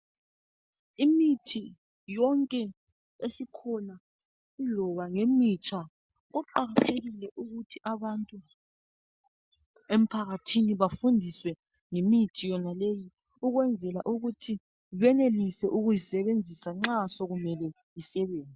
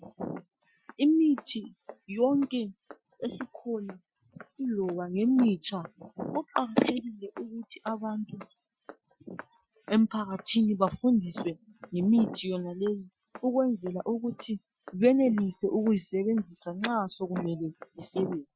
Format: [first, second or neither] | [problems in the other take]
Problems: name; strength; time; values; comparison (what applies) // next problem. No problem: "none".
first | noise reduction (classical method Wiener filter)